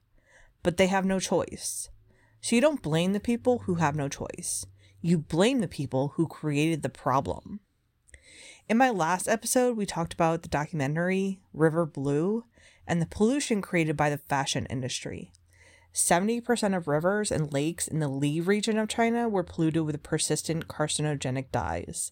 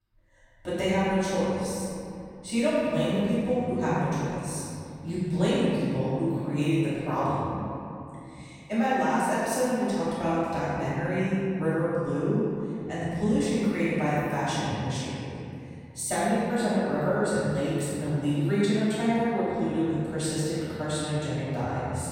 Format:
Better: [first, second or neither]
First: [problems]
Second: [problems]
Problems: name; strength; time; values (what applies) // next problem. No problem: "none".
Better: first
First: none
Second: off-mic speech; far // room echo; strong; dies away in 2.8 s